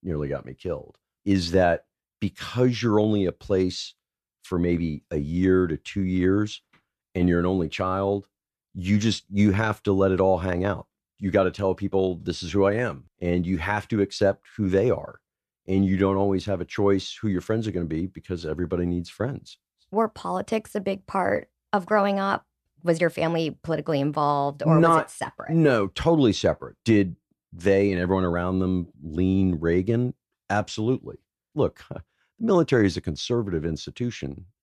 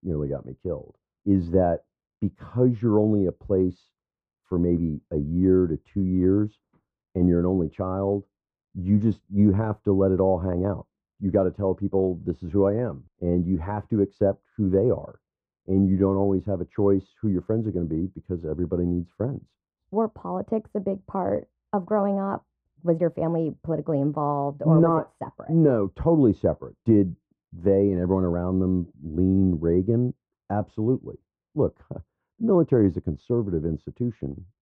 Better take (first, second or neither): first